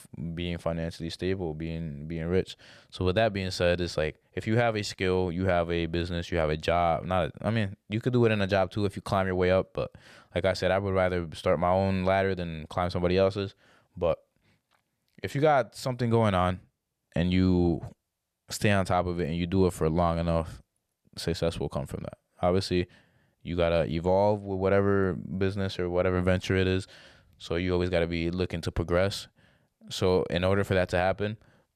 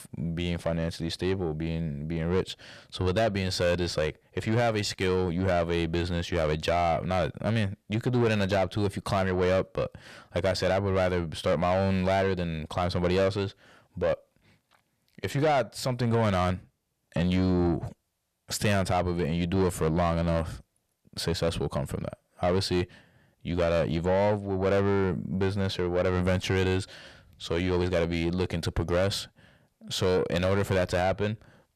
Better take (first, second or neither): first